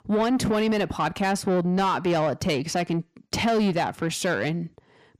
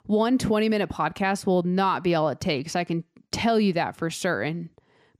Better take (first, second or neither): second